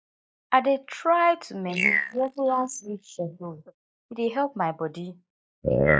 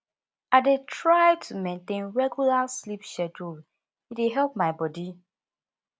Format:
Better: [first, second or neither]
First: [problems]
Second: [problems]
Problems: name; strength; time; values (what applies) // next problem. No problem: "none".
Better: second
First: noise reduction (neural mask model Resemble Enhance denoiser)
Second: none